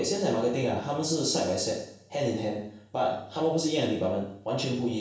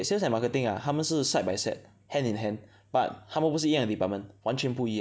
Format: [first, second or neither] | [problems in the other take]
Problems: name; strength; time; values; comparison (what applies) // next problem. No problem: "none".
second | room echo; dies away in 0.7 s